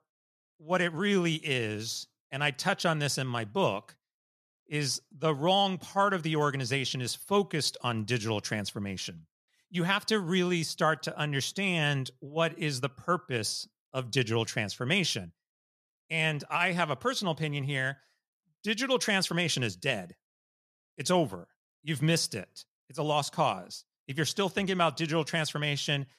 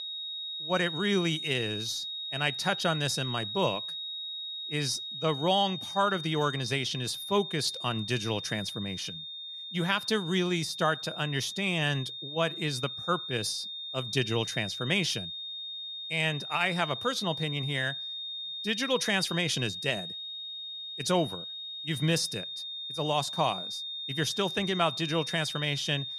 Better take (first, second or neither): first